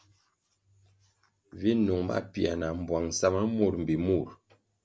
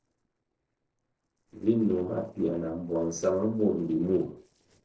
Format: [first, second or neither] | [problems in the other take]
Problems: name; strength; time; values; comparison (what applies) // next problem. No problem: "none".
first | noise reduction (neural separator model SepFormer DNS4)